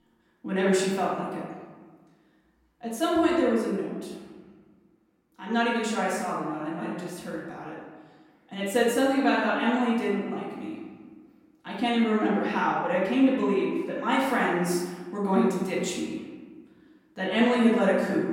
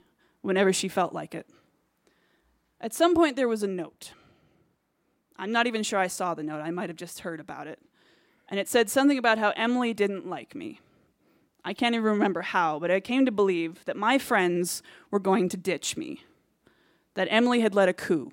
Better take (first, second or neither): second